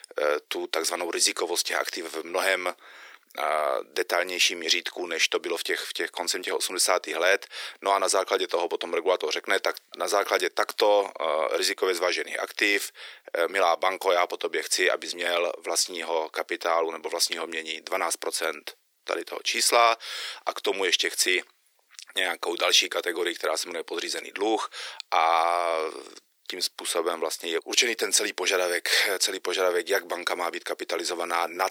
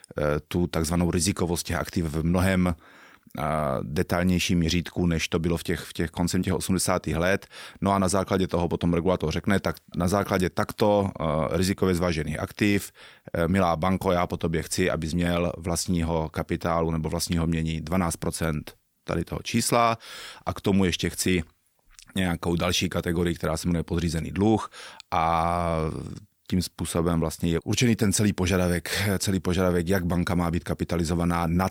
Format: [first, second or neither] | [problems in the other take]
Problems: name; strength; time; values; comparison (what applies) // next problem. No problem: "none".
second | thin; very; fading below 350 Hz